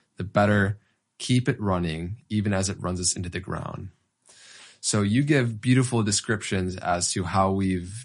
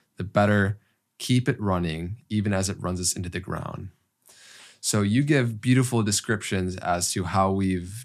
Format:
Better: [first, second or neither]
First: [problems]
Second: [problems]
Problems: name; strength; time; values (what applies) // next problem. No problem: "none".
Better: second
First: garbled, watery; slightly; nothing above 10.5 kHz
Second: none